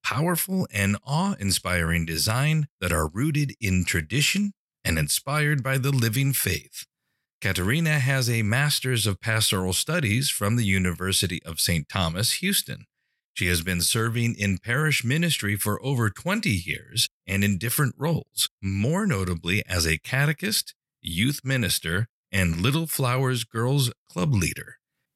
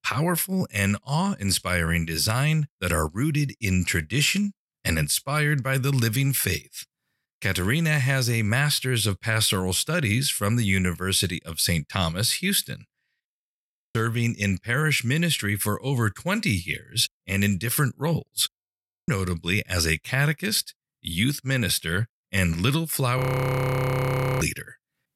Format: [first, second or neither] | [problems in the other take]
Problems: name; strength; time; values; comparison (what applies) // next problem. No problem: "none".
first | audio freezing; at 13 s for 0.5 s, at 19 s for 0.5 s and at 23 s for 1 s